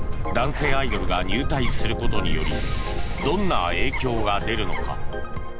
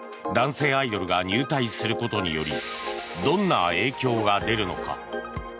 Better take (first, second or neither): second